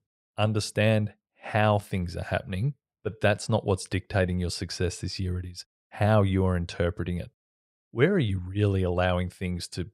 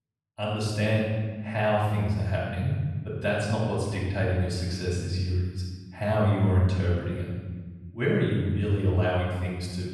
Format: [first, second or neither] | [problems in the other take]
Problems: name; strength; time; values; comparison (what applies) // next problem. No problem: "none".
first | room echo; strong; dies away in 1.4 s // off-mic speech; far